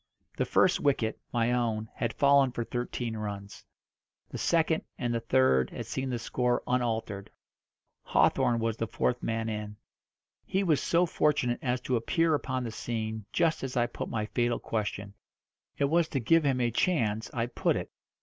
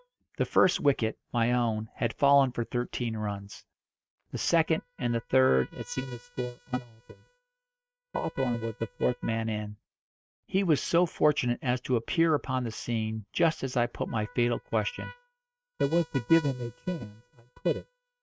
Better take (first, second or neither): first